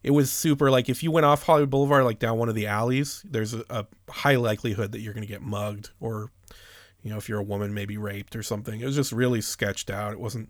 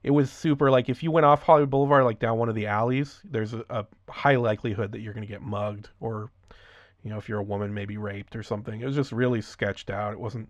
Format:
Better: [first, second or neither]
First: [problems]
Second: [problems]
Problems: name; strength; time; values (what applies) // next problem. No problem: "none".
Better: first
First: none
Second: muffled; very; fading above 3 kHz